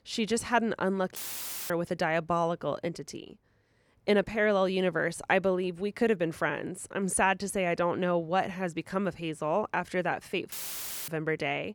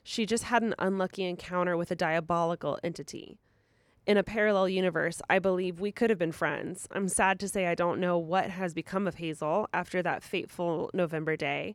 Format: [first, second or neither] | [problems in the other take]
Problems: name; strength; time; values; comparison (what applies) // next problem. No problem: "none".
second | audio cutting out; filled with static; at 1 s for 0.5 s and at 11 s for 0.5 s